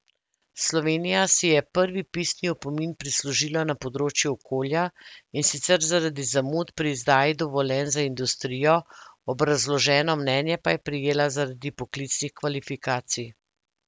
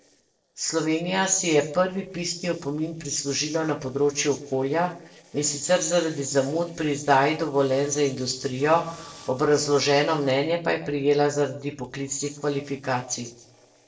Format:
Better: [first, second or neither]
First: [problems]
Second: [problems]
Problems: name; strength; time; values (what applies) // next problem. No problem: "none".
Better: first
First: none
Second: noise reduction (neural separator model SepFormer DNS4)